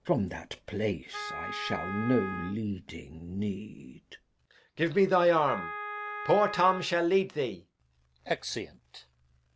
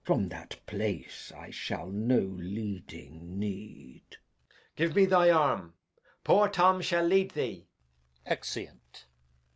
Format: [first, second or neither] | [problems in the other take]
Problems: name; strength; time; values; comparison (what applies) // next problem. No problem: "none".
second | background sound (Wind instrument, woodwind instrument); 9 dB below the speech